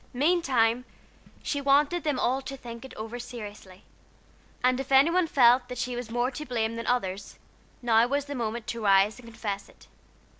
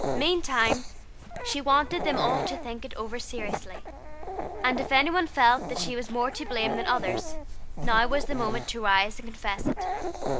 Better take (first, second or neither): first